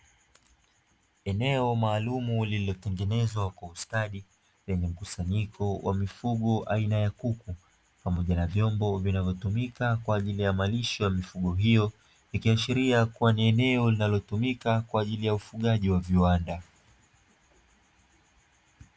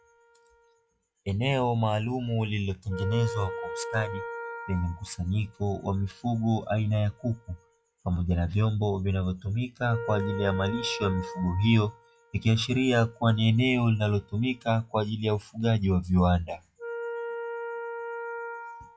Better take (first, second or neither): first